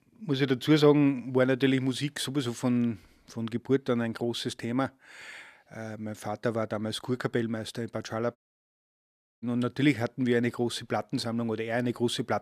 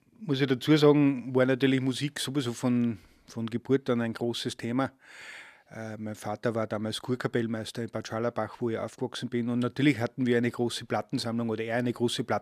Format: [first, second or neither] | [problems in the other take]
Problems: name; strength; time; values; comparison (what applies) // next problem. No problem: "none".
second | audio cutting out; at 8.5 s for 1 s